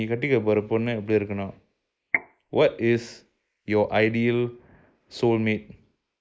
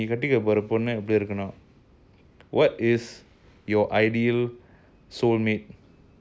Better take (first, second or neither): second